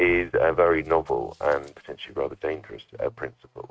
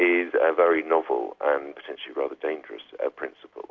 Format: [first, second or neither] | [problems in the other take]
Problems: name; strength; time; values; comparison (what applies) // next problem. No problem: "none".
second | noise reduction (neural mask model RNNoise)